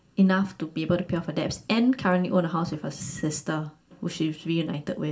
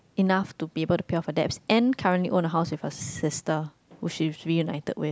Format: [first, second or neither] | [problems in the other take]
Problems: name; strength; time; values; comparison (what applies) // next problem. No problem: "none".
second | room echo; dies away in 0.3 s